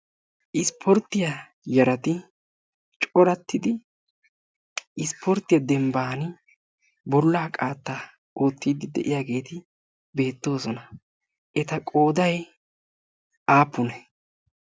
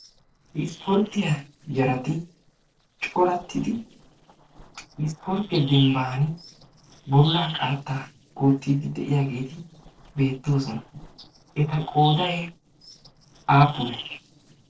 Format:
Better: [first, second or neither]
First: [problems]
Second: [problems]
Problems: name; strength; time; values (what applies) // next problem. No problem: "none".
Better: first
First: none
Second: noise reduction (neural separator model SepFormer DNS4)